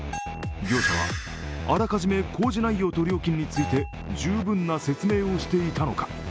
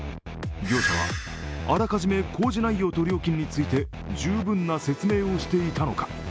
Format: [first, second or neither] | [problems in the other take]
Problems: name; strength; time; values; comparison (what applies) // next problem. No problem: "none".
second | background sound (Bell); 16 dB below the speech